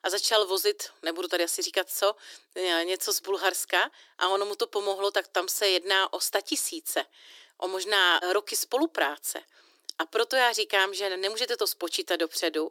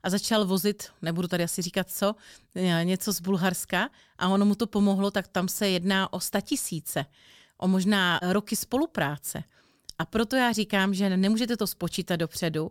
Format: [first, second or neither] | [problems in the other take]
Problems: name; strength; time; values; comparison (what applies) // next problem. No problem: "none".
second | thin; very; fading below 300 Hz